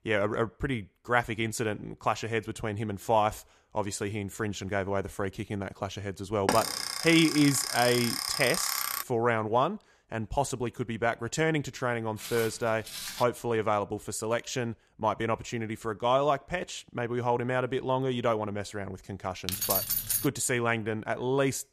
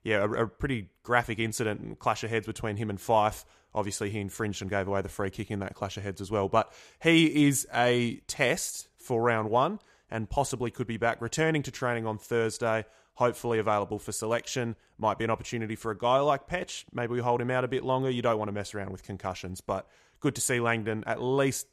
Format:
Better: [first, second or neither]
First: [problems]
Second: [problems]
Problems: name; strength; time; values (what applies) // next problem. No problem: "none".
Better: second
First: alarm; loud; from 6.5 to 9 s; peak 1 dB above the speech // footsteps; noticeable; from 12 to 13 s; peak 7 dB below the speech // jangling keys; loud; at 19 s; peak 3 dB above the speech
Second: none